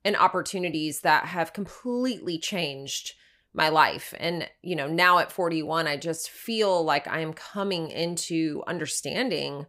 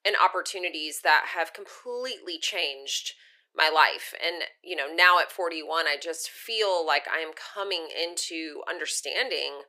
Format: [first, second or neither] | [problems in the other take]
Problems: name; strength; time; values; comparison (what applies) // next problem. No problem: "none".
first | thin; very; fading below 350 Hz